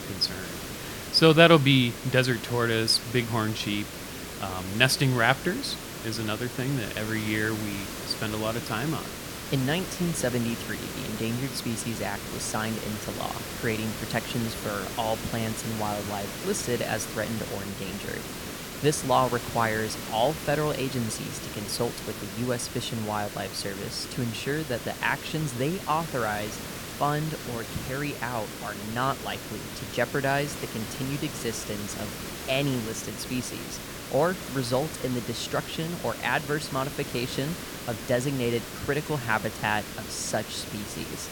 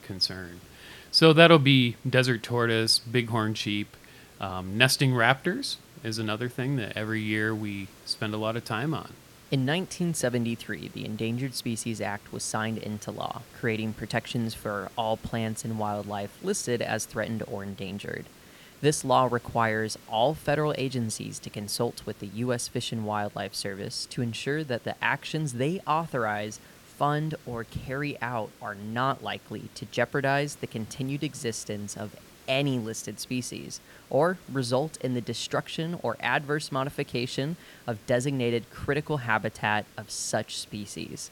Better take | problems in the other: second | hiss; loud; throughout; 8 dB below the speech; faint in the second

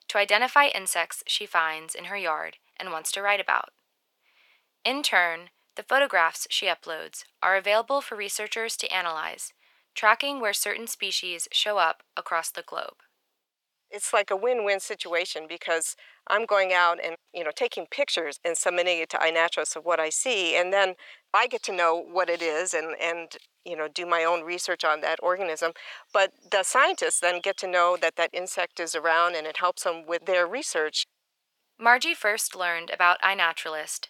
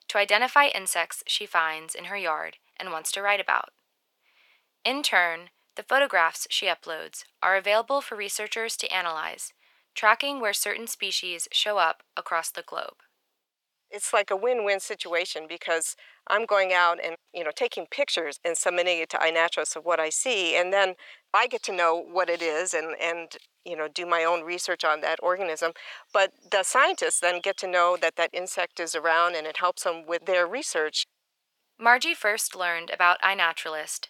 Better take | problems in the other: neither | thin; very; fading below 750 Hz; the same in both

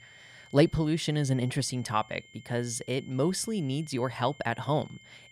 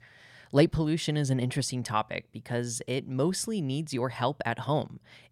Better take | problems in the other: second | high-pitched whine; faint; throughout; 2 kHz, 25 dB below the speech

